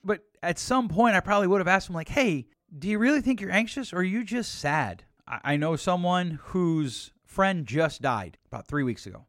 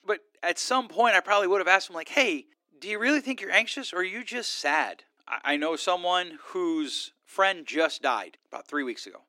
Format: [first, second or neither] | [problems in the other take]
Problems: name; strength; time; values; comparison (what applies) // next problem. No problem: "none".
first | thin; somewhat; fading below 300 Hz